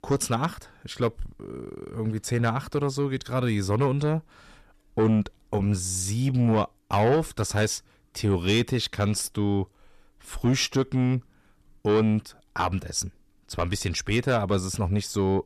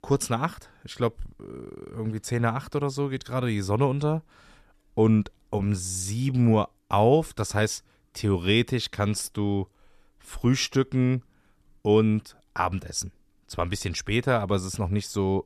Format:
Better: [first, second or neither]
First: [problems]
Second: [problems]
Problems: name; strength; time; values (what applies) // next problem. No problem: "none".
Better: second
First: distortion; slight; 10 dB below the speech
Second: none